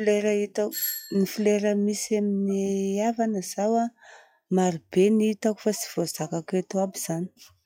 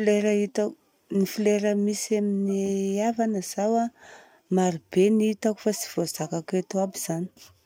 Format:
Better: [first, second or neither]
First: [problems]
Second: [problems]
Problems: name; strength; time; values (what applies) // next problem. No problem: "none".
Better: second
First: noise reduction (classical method log-MMSE)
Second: none